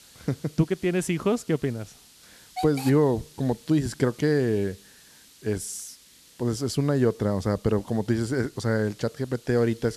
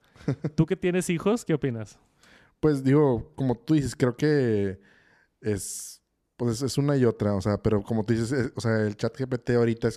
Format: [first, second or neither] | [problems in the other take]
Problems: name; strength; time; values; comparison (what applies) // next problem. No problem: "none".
second | hiss; faint; throughout; 20 dB below the speech